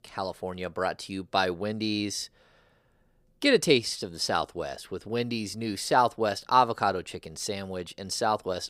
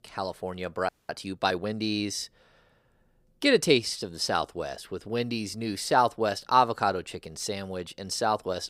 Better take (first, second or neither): first